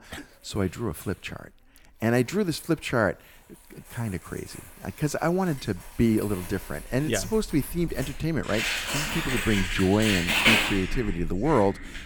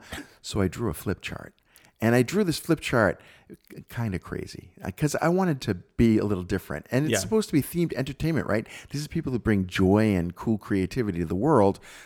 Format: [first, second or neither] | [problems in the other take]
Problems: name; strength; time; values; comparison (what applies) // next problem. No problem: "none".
second | household noises; very loud; throughout; 1 dB above the speech